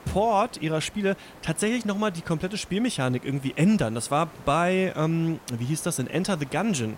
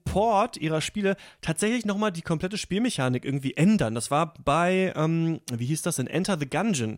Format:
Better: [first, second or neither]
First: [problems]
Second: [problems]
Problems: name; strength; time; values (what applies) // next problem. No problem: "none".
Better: second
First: hiss; faint; throughout; 20 dB below the speech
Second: none